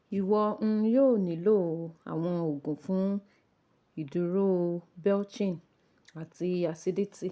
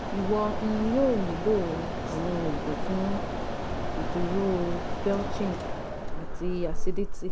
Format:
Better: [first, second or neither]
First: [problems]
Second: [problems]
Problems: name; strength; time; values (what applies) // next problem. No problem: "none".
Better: first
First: none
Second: background sound (Mechanisms); 1 dB above the speech